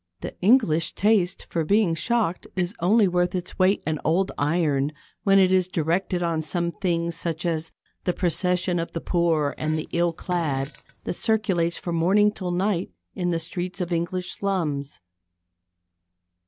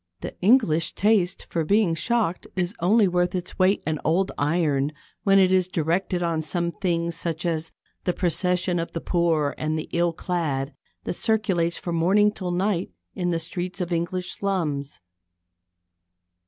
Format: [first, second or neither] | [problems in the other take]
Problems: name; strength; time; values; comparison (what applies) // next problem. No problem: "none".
second | background sound (Fart); 18 dB below the speech